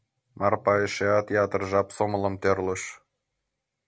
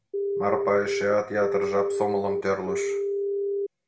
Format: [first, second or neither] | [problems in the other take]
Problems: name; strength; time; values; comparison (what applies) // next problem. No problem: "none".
first | background sound (Telephone); 1 dB above the speech // room echo; dies away in 0.4 s